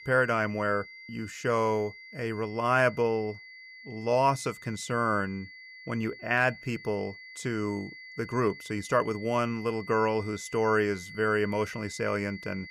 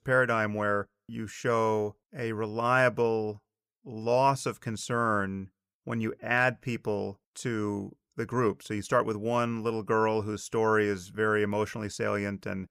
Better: second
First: high-pitched whine; noticeable; throughout; 2 kHz, 15 dB below the speech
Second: none

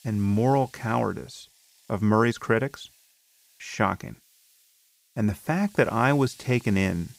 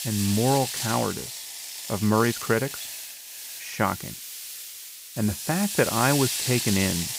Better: first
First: hiss; faint; throughout; 30 dB below the speech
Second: hiss; loud; throughout; 5 dB below the speech

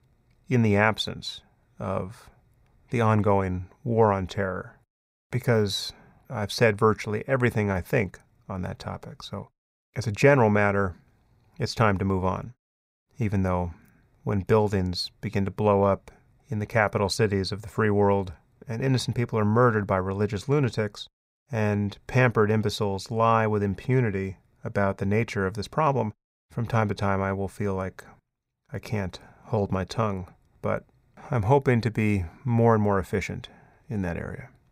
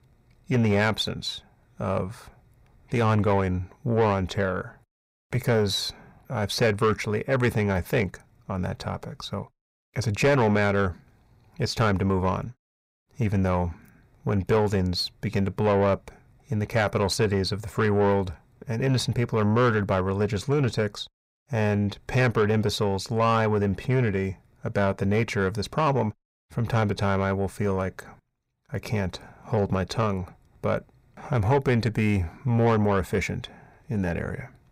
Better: first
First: none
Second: distortion; slight; 10 dB below the speech

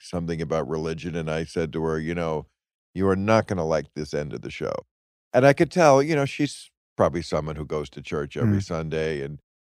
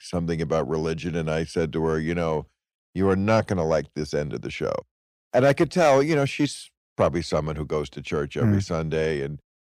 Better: first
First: none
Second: distortion; slight; 10 dB below the speech

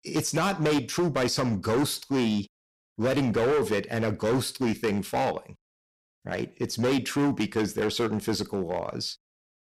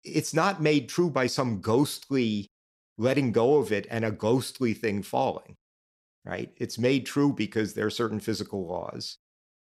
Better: second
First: distortion; heavy; 14% of the sound clipped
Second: none

